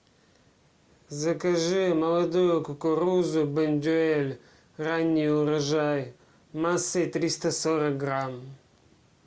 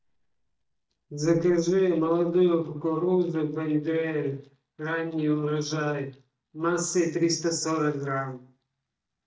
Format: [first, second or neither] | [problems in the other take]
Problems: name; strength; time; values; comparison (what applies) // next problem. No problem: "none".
first | noise reduction (neural mask model DeepFilterNet 3)